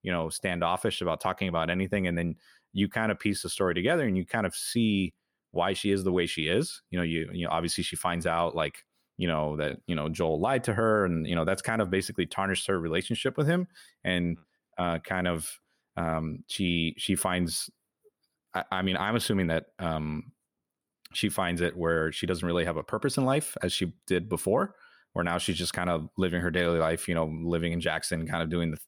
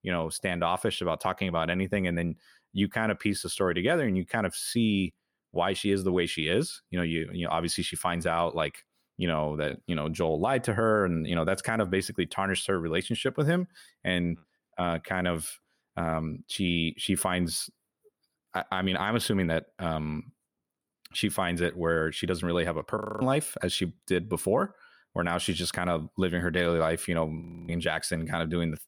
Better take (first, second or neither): first